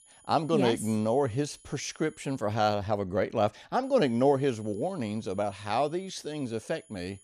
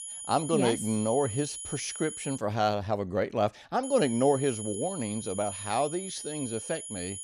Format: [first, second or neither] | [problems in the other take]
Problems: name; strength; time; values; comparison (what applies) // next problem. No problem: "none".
first | high-pitched whine; loud; until 2.5 s and from 4 s on; 10.5 kHz, 8 dB below the speech; faint in the first